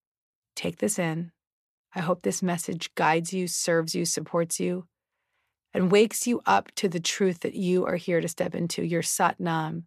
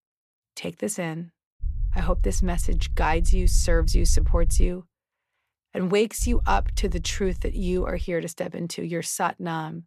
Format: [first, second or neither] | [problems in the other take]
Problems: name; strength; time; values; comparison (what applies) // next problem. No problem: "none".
first | low rumble; faint; from 1.5 to 4.5 s and from 6 to 8 s; 20 dB below the speech